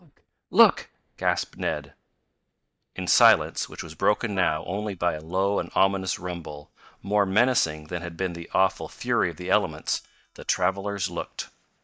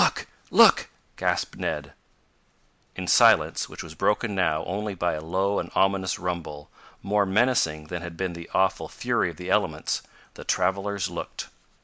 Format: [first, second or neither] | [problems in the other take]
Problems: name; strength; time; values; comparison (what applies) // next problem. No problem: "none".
second | noise reduction (neural mask model DeepFilterNet 3)